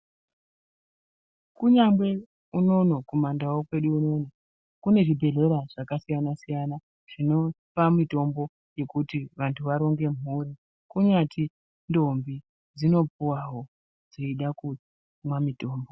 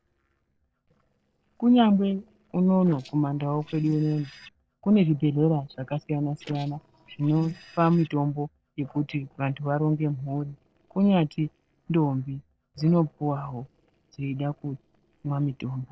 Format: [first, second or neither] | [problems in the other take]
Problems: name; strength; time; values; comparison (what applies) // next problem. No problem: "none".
first | noise reduction (neural separator model SepFormer DNS4)